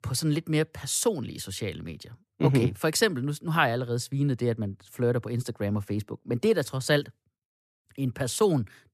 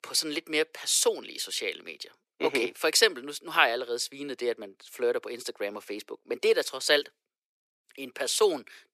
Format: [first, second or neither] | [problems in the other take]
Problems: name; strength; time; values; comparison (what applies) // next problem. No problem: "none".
first | thin; very; fading below 400 Hz